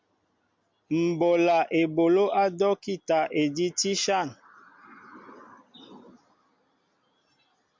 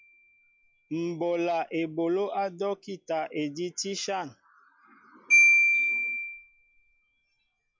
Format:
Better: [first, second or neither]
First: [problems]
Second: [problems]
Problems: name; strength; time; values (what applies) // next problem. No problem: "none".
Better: first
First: none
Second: noise reduction (classical method log-MMSE)